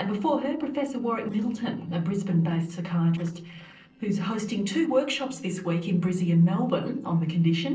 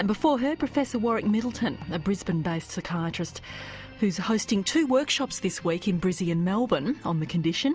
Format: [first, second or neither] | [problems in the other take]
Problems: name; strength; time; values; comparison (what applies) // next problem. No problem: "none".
second | noise reduction (neural separator model SepFormer DNS4)